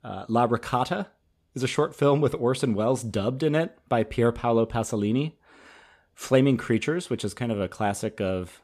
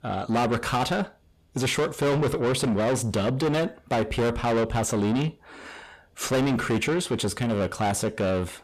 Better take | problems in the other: first | distortion; heavy; 6 dB below the speech

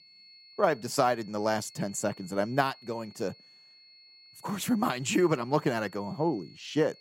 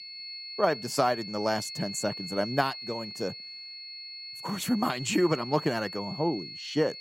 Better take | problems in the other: first | high-pitched whine; loud; throughout; 4.5 kHz, 9 dB below the speech; faint in the first

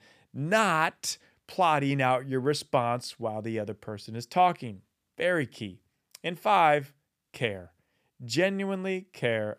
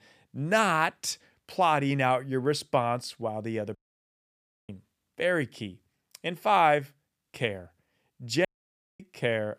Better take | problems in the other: first | audio cutting out; at 4 s for 1 s and at 8.5 s for 0.5 s

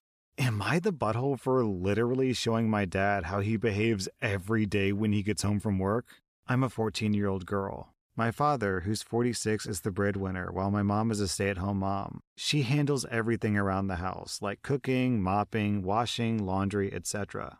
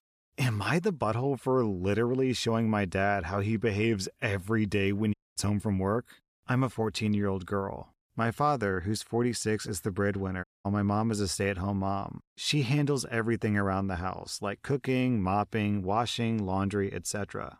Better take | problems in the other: first | audio cutting out; at 5 s and at 10 s

